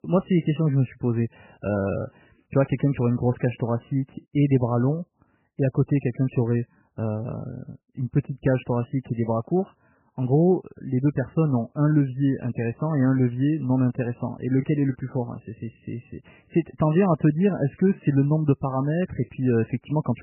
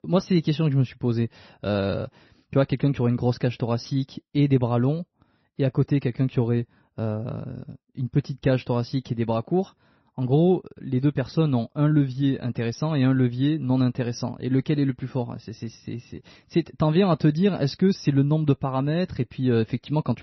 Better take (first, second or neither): second